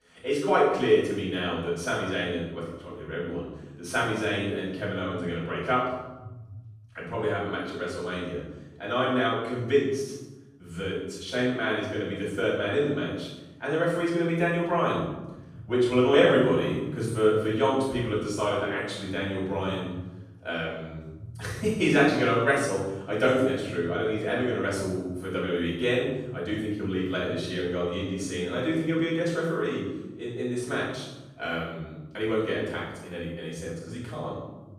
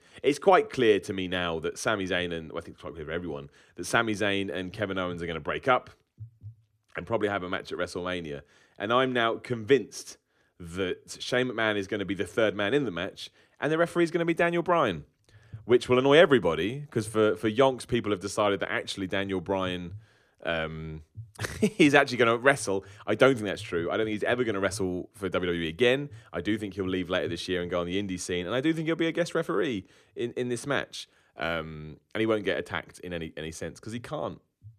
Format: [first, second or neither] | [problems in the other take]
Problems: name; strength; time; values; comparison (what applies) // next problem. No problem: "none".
second | off-mic speech; far // room echo; noticeable; dies away in 0.9 s